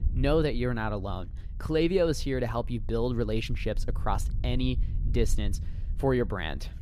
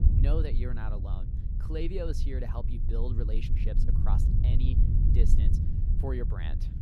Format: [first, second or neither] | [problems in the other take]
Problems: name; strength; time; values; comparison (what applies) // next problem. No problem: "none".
first | low rumble; loud; throughout; 4 dB below the speech; faint in the first